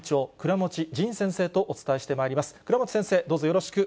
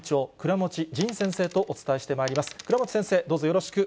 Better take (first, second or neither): first